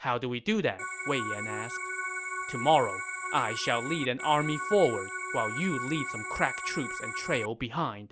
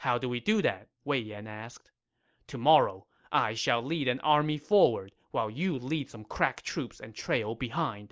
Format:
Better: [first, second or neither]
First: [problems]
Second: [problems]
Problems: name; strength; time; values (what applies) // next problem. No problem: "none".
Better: second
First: background sound (Organ); 5 dB below the speech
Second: none